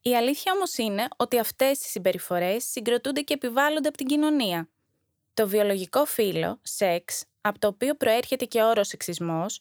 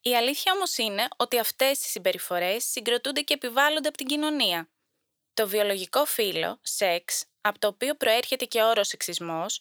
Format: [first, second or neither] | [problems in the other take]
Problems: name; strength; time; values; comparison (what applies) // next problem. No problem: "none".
first | thin; very slightly; fading below 650 Hz